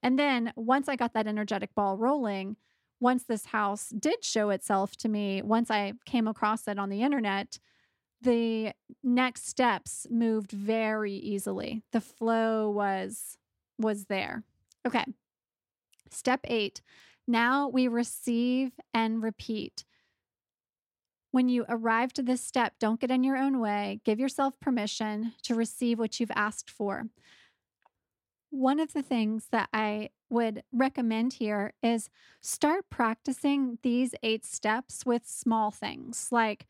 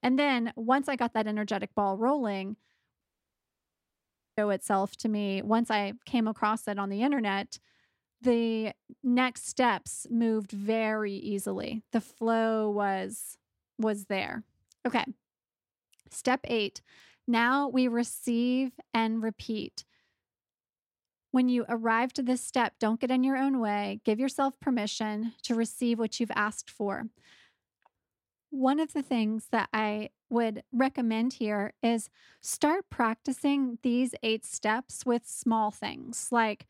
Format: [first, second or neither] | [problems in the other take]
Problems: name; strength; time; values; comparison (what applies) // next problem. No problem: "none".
first | audio cutting out; at 3 s for 1.5 s